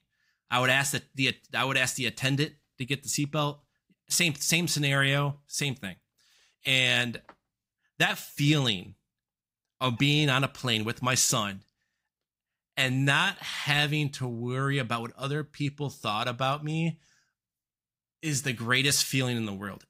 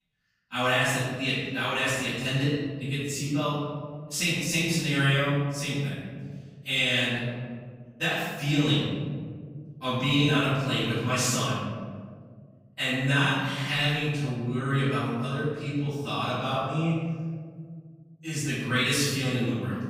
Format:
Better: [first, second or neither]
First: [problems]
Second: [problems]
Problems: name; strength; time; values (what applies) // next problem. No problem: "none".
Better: first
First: none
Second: off-mic speech; far // room echo; strong; dies away in 2 s